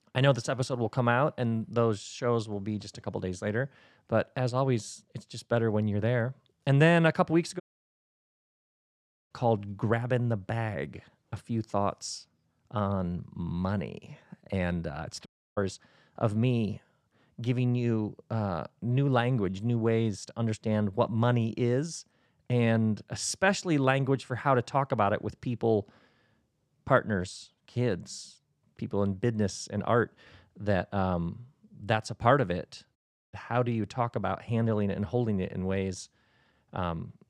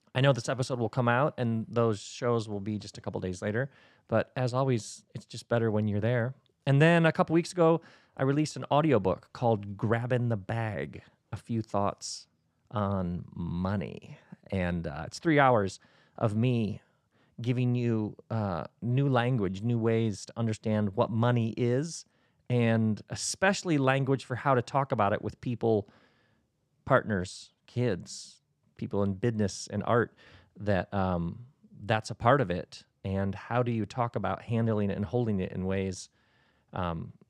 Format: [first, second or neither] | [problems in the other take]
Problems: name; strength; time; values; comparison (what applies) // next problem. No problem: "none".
second | audio cutting out; at 7.5 s for 1.5 s, at 15 s and at 33 s